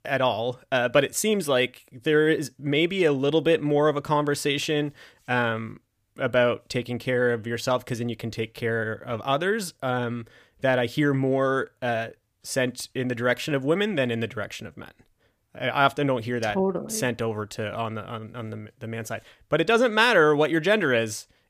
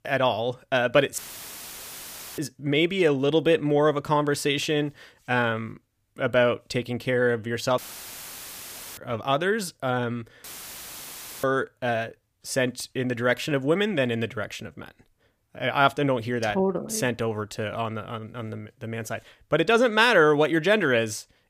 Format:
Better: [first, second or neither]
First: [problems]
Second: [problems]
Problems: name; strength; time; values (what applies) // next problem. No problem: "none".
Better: first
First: none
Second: audio cutting out; filled with static; at 1 s for 1 s, at 8 s for 1 s and at 10 s for 1 s